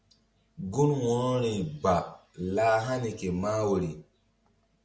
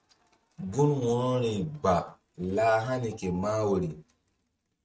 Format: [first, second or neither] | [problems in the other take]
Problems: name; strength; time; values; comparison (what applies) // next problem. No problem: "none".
first | noise reduction (neural mask model RNNoise)